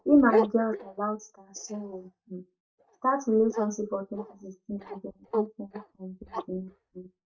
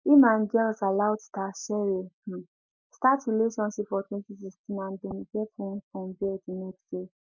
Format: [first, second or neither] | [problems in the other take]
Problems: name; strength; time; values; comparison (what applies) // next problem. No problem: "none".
second | noise reduction (neural mask model DeepFilterNet 3)